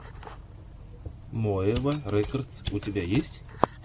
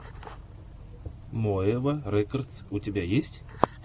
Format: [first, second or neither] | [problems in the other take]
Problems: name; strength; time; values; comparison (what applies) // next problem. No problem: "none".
second | background sound (Mechanisms); 10 dB below the speech